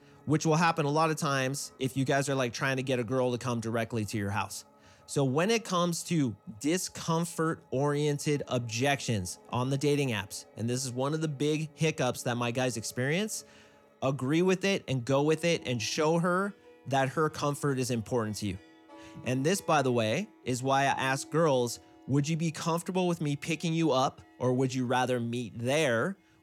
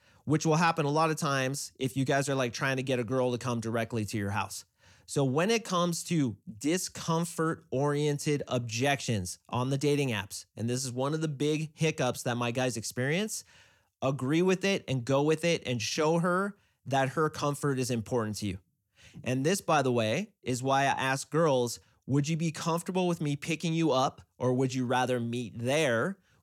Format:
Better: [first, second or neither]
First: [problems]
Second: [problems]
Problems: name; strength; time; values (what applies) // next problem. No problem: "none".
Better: second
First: background music; faint; throughout; 30 dB below the speech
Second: none